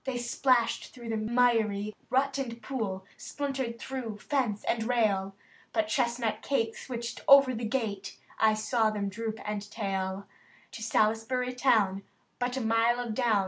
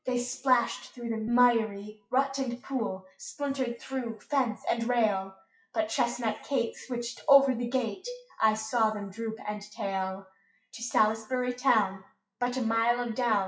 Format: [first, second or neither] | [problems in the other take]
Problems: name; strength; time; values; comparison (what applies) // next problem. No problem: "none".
first | noise reduction (classical method WPE with log-MMSE)